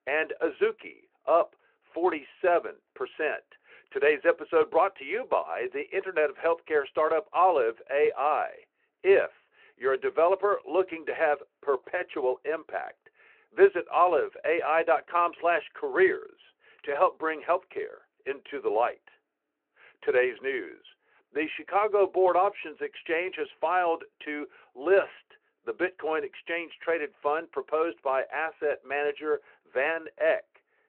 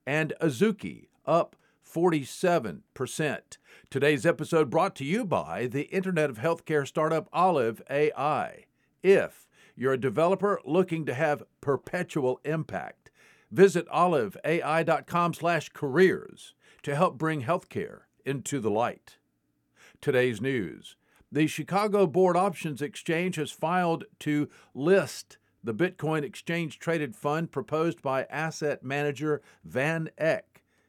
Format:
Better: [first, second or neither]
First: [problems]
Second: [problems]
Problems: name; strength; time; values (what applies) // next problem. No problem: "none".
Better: second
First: phone-call audio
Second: none